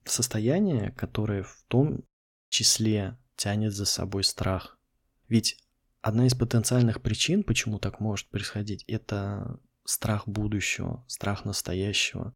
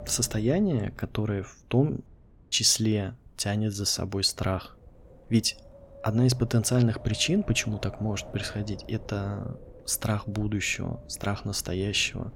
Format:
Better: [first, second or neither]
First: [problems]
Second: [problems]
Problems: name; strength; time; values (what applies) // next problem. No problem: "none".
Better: first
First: none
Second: wind noise on the microphone; occasional gusts; 20 dB below the speech